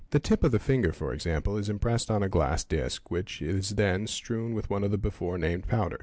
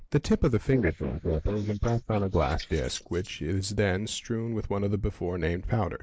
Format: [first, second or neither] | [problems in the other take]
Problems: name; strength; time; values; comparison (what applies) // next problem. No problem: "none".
first | noise reduction (neural mask model Resemble Enhance denoiser)